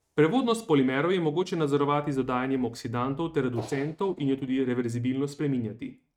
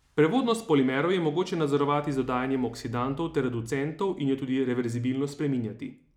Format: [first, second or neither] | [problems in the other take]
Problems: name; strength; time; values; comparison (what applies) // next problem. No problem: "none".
second | noise reduction (neural mask model RNNoise)